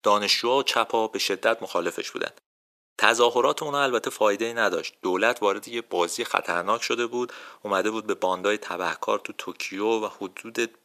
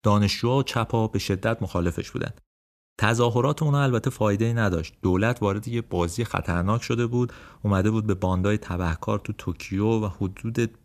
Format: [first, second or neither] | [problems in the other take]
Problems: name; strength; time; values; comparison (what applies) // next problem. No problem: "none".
second | thin; very; fading below 400 Hz